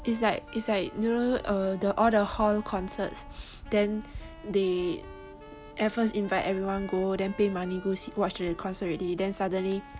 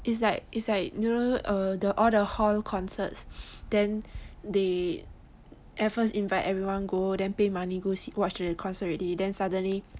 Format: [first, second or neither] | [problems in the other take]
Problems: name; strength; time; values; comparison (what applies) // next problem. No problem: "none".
second | background sound (Wind instrument, woodwind instrument + Wind instrument, woodwind instrument); 19 dB below the speech